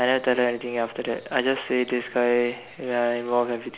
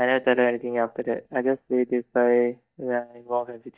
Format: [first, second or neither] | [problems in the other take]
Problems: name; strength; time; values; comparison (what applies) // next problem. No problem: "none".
first | noise reduction (neural mask model DeepFilterNet 3)